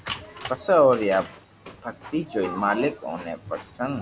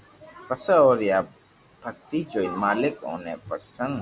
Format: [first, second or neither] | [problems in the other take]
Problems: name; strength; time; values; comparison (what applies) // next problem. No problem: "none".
second | background sound (Printer); 17 dB below the speech